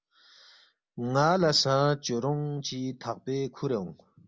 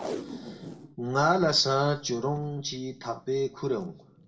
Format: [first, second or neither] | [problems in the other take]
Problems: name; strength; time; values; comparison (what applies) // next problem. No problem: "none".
first | background sound (Packing tape, duct tape); 15 dB below the speech // room echo; dies away in 0.4 s